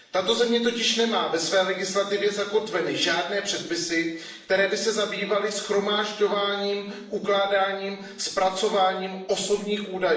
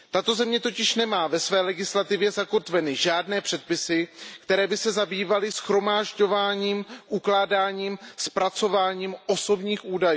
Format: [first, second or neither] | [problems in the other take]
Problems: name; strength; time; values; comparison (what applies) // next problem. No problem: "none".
second | room echo; dies away in 0.6 s